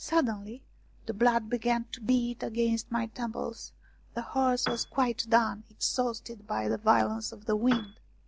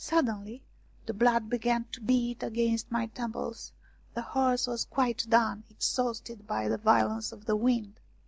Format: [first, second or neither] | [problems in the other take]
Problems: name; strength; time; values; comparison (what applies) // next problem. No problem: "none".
second | background sound (Piano); 7 dB below the speech